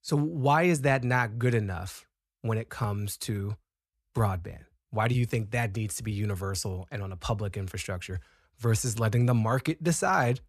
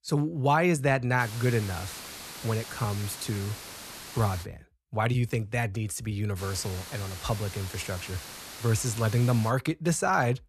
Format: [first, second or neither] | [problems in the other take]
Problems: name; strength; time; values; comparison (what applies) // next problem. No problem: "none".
first | hiss; noticeable; from 1 to 4.5 s and from 6.5 to 9.5 s; 10 dB below the speech